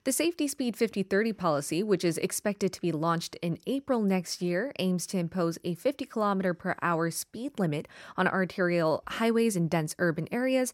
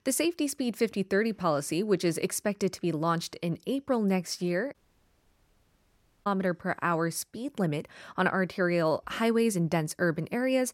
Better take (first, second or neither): first